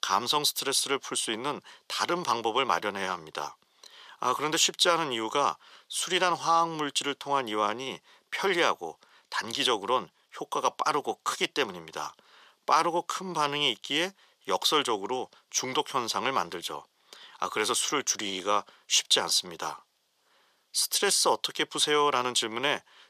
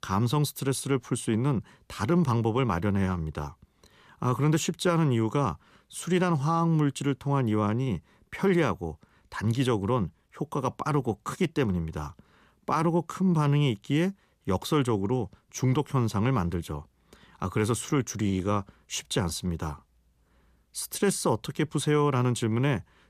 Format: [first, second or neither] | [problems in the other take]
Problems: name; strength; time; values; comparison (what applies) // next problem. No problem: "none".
second | thin; very; fading below 650 Hz